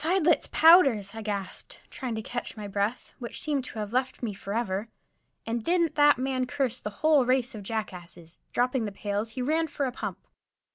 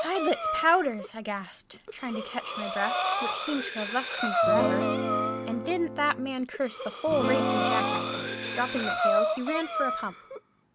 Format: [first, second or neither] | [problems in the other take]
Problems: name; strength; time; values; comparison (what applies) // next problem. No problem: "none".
first | background sound (Acoustic guitar / Strum + Breathing); 1 dB above the speech